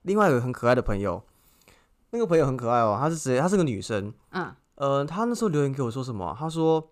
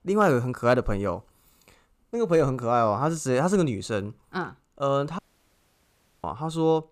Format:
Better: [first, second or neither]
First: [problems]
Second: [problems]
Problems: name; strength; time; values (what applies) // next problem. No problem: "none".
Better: first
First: none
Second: audio cutting out; at 5 s for 1 s